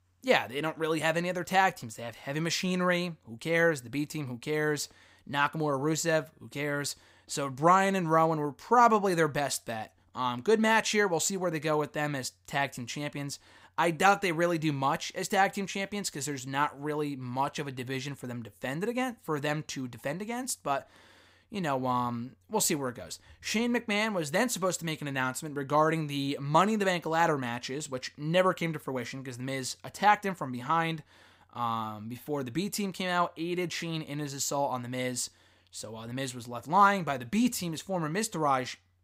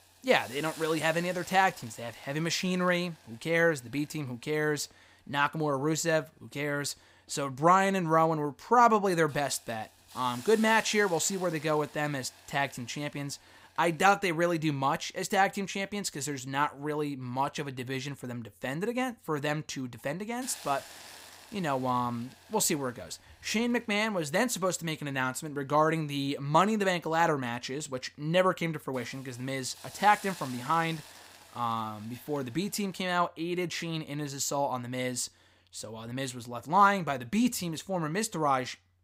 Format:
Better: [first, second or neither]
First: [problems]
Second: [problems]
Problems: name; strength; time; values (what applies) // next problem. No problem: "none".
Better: first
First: none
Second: hiss; noticeable; until 14 s and from 20 to 33 s; 20 dB below the speech